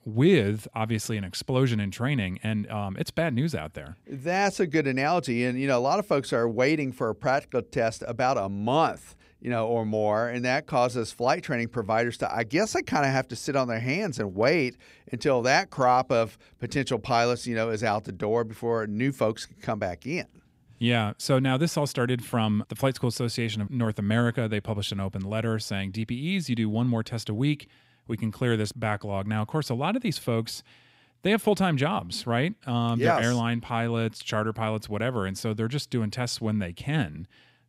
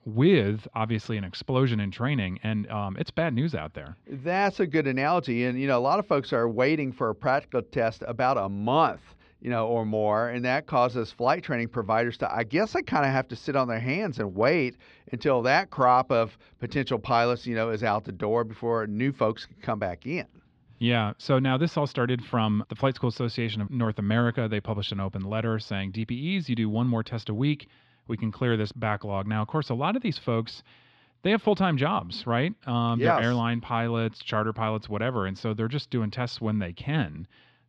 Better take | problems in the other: first | muffled; very slightly; fading above 4 kHz

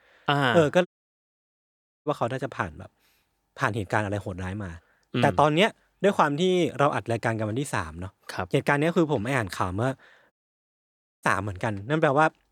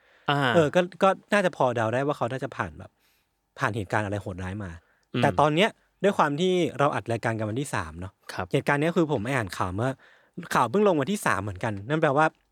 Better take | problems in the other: second | audio cutting out; at 1 s for 1 s and at 10 s for 1 s

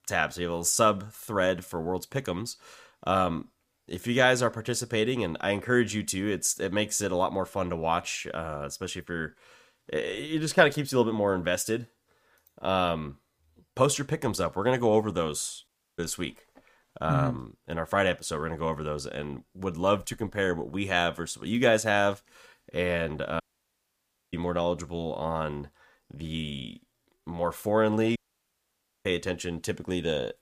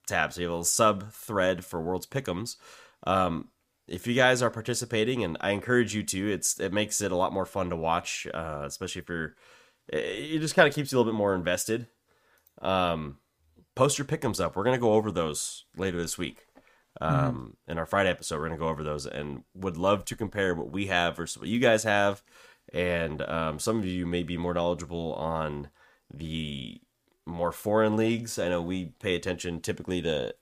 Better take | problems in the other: second | audio cutting out; at 16 s, at 23 s for 1 s and at 28 s for 1 s

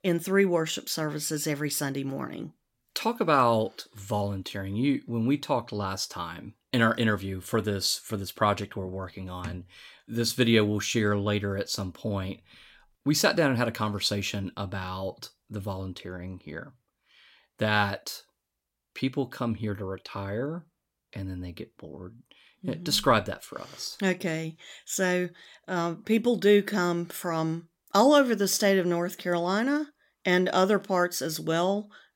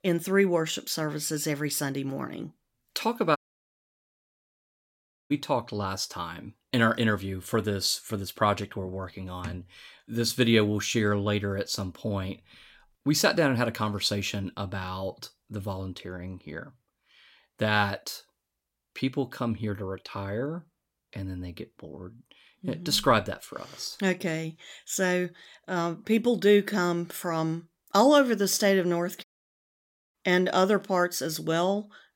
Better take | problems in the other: first | audio cutting out; at 3.5 s for 2 s and at 29 s for 1 s

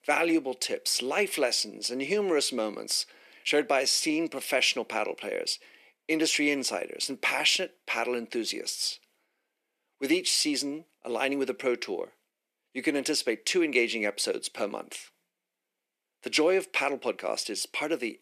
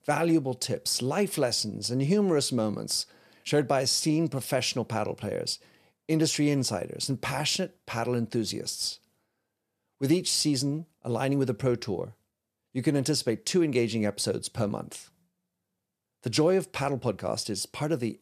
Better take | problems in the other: second | thin; somewhat; fading below 300 Hz

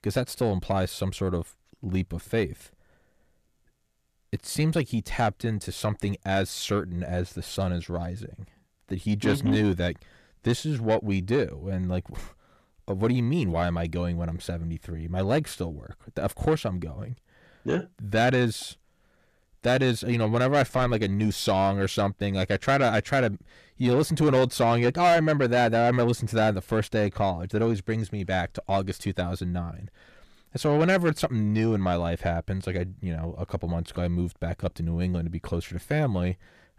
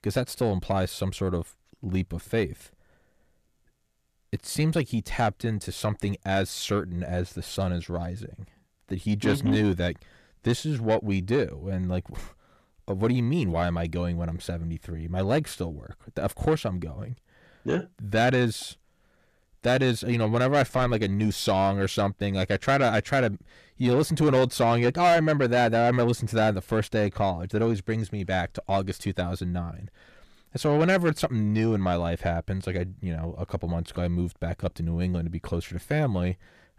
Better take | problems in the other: neither | distortion; slight; 10 dB below the speech; the same in both

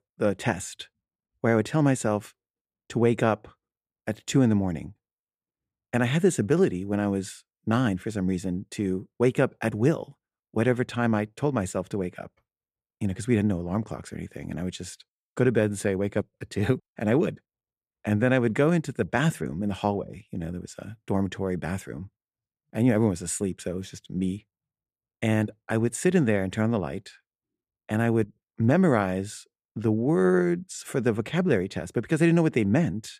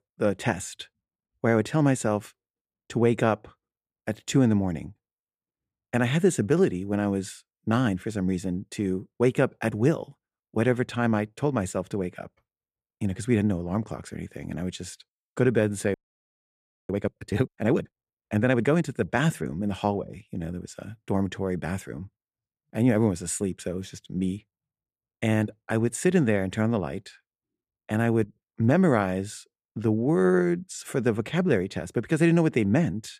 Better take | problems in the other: first | audio freezing; at 16 s for 1 s

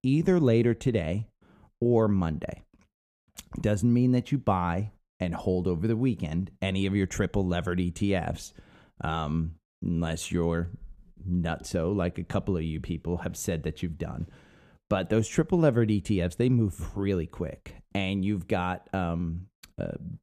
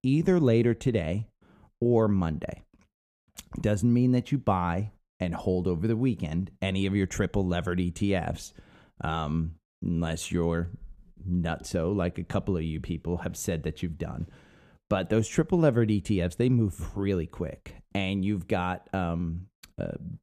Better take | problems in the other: neither | none

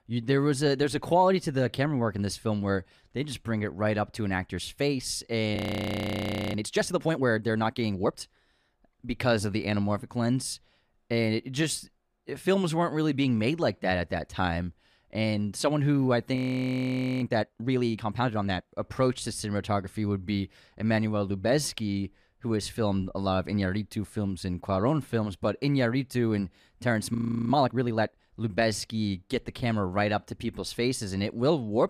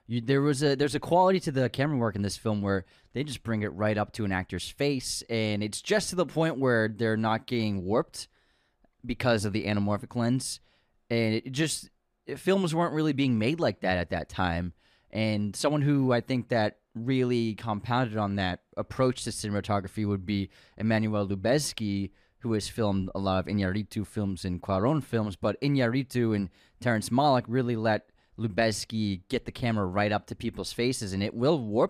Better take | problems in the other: second | audio freezing; at 5.5 s for 1 s, at 16 s for 1 s and at 27 s

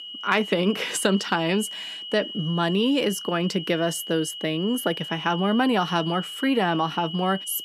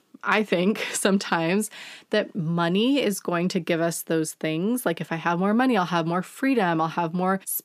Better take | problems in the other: second | high-pitched whine; loud; throughout; 3 kHz, 9 dB below the speech

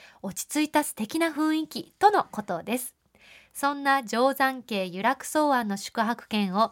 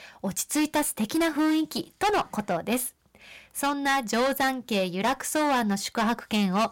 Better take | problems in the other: first | distortion; heavy; 14% of the sound clipped

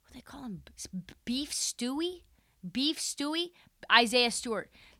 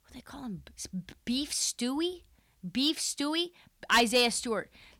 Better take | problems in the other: first | distortion; slight; 0.8% of the sound clipped

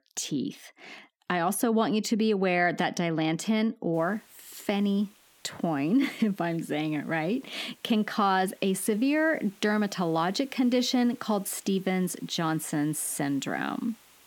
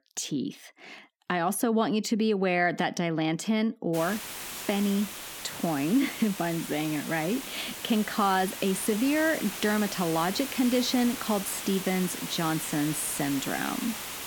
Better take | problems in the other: first | hiss; loud; from 4 s on; 8 dB below the speech; faint in the first

